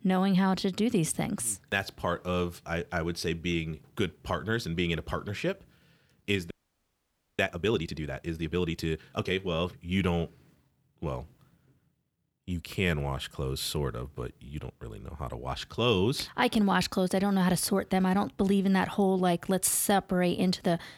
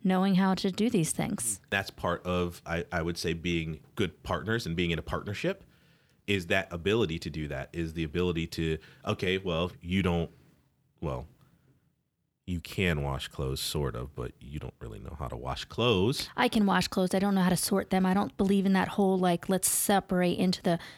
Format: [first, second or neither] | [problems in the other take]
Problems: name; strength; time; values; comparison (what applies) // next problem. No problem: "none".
second | audio freezing; at 6.5 s for 1 s